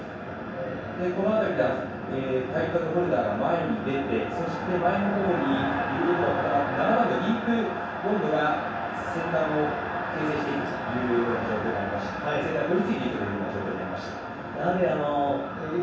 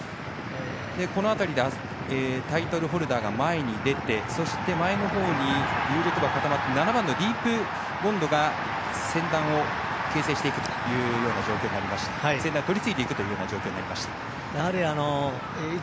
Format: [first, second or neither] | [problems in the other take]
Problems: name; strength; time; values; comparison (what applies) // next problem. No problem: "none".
second | room echo; dies away in 0.7 s